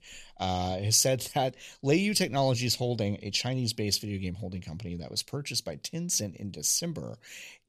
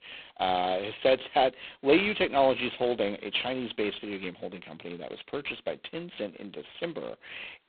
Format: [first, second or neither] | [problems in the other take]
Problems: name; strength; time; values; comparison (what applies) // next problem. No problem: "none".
first | phone-call audio; poor line; nothing above 3.5 kHz